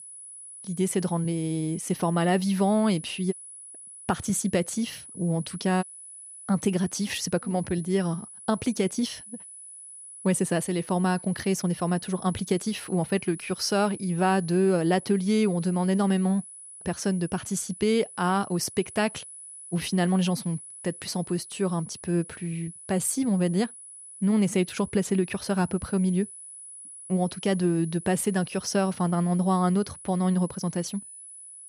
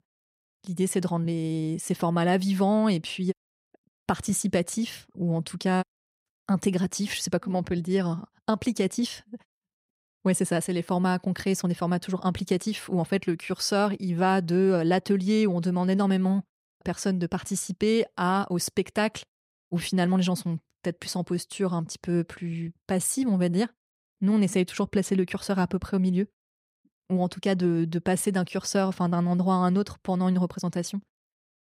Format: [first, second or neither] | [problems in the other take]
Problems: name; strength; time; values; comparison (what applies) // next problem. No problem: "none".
second | high-pitched whine; noticeable; throughout; 10 kHz, 15 dB below the speech